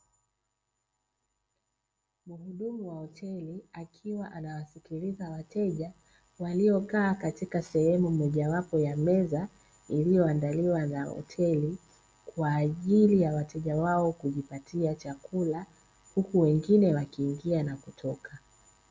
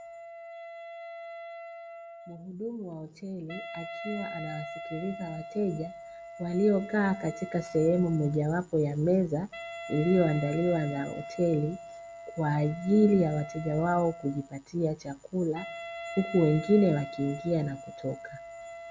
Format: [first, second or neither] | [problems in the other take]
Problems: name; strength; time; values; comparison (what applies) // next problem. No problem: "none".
first | background sound (Wind instrument, woodwind instrument); 13 dB below the speech